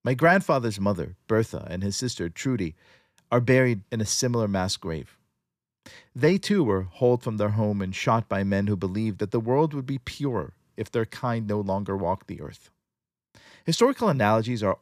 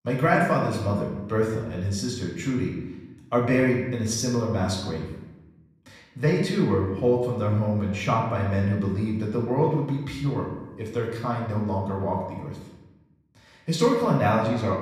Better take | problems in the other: first | room echo; noticeable; dies away in 0.9 s // off-mic speech; far

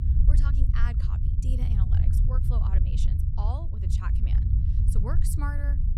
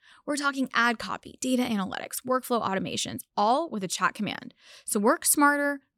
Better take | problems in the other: second | low rumble; loud; throughout; 1 dB below the speech

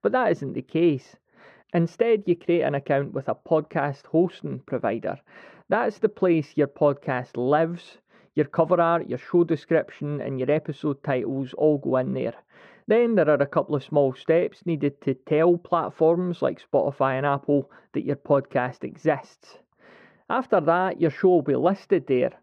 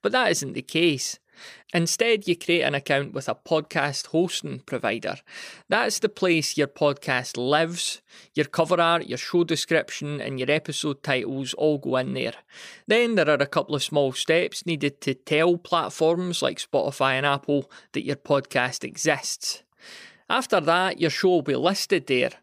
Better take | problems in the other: second | muffled; very; fading above 3 kHz

